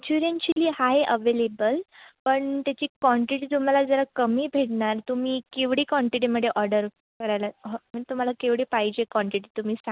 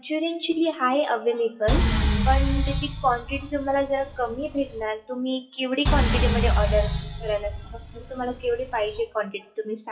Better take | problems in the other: first | noise reduction (classical method WPE with log-MMSE)

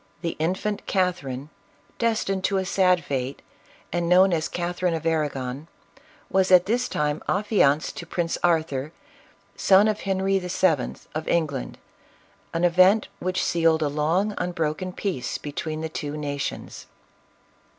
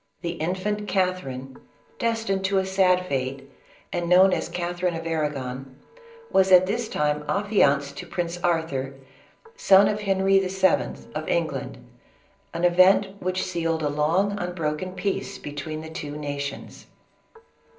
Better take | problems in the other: first | noise reduction (neural separator model SepFormer DNS4)

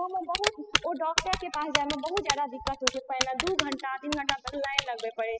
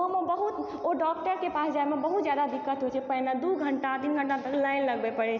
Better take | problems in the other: second | noise reduction (classical method spectral subtraction)

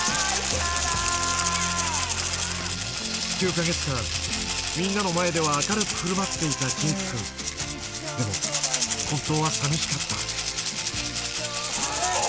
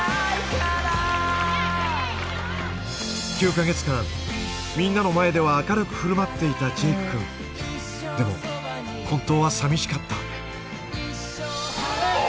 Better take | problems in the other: second | background sound (Rattle (instrument)); as loud as the speech

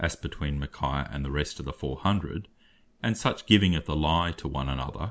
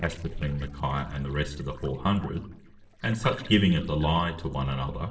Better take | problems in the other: first | noise reduction (neural separator model SepFormer DNS4)

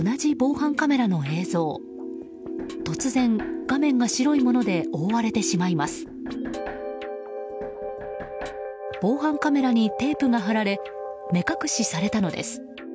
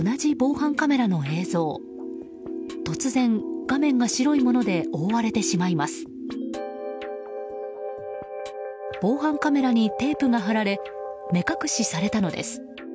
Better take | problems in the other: second | background sound (Knock + Fart); 19 dB below the speech

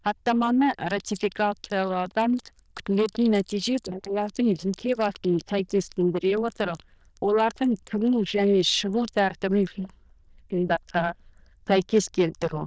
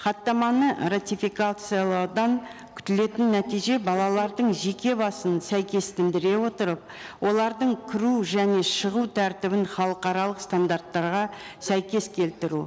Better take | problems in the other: second | noise reduction (neural diffusion model UNIVERSE++)

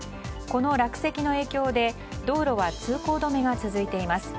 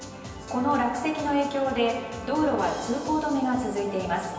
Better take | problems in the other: first | background sound (Brass instrument); 18 dB below the speech // room echo; dies away in 1 s

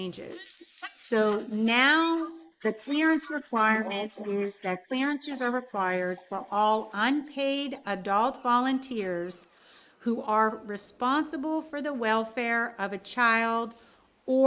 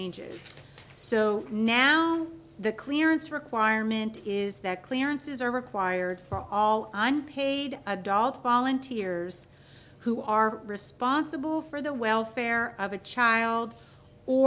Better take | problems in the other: second | noise reduction (neural mask model Resemble Enhance denoiser)

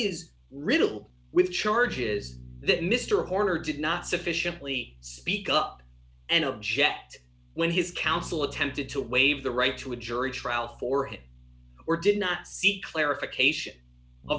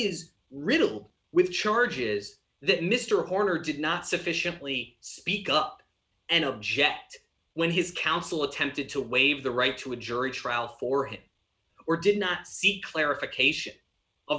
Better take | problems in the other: second | background sound (Bass guitar); 19 dB below the speech

